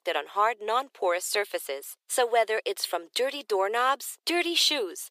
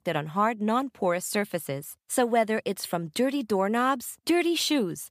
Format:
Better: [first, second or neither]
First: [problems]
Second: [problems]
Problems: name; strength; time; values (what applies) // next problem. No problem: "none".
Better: second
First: thin; very; fading below 400 Hz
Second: none